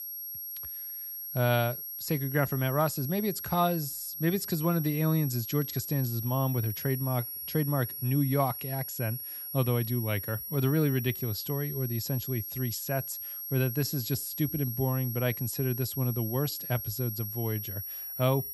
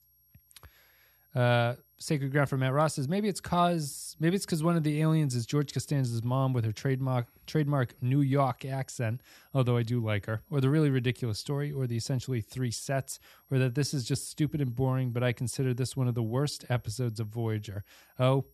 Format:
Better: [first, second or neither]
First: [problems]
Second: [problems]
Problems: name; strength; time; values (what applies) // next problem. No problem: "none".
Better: second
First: high-pitched whine; loud; throughout; 11.5 kHz, 5 dB below the speech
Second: high-pitched whine; faint; throughout; 11.5 kHz, 35 dB below the speech